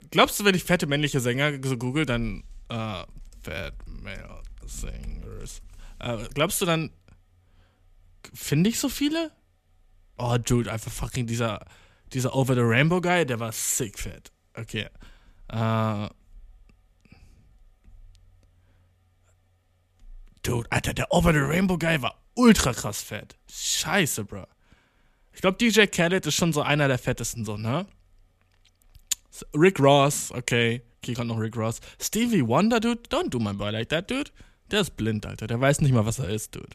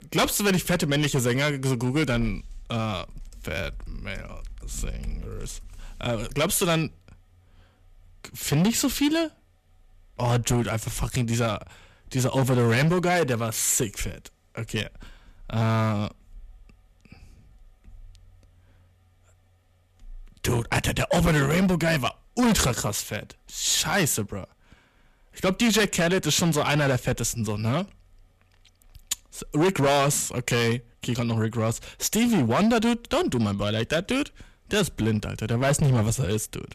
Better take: first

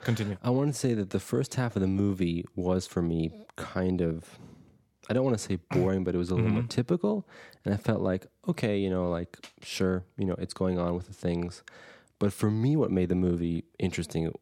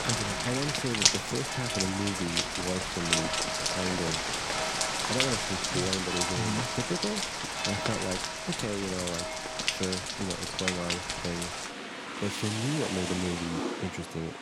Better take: first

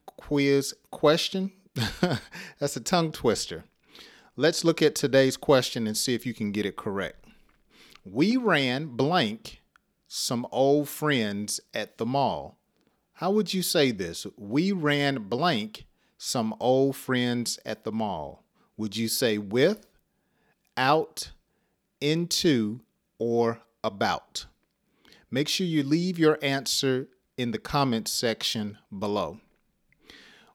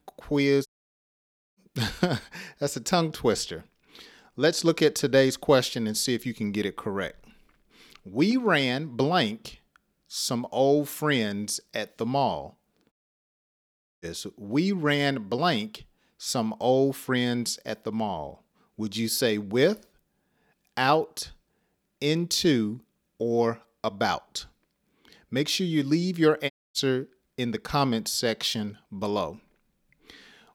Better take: first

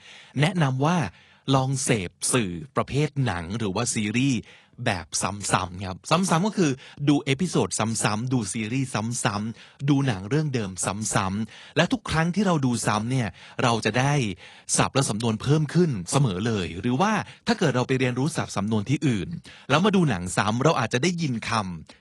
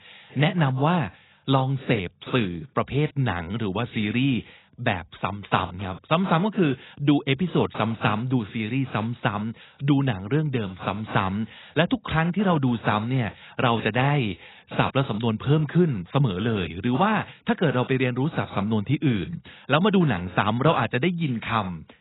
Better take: first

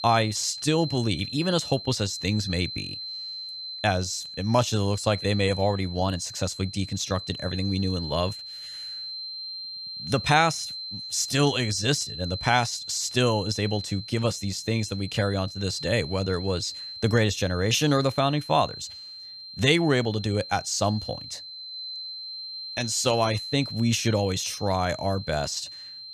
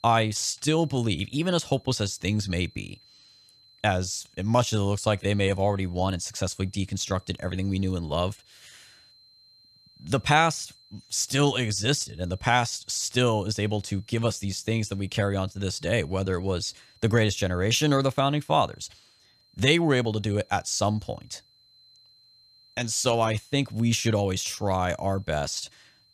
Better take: second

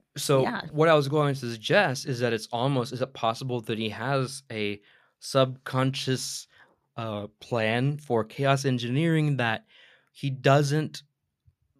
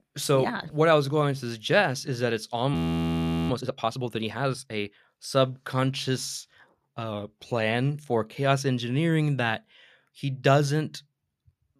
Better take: first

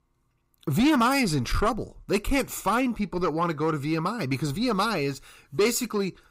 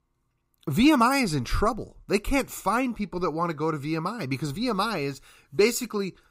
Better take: second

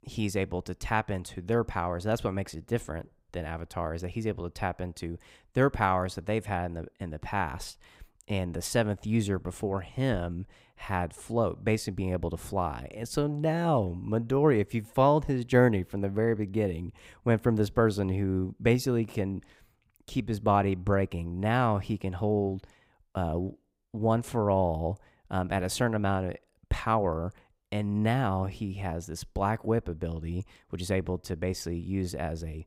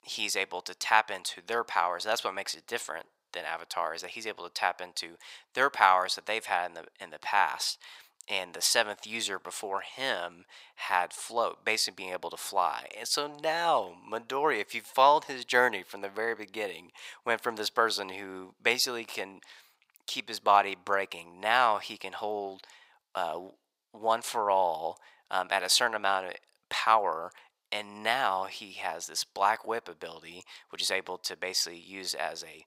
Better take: first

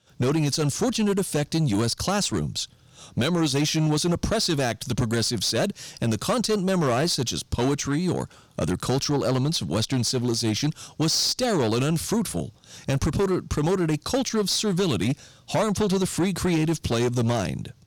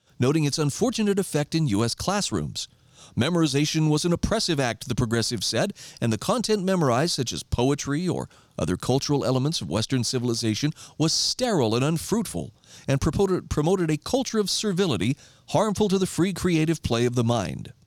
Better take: second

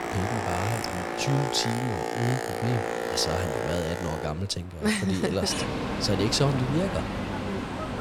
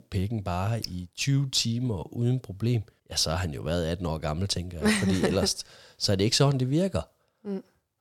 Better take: second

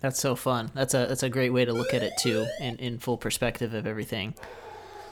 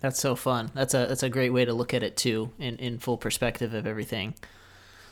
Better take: second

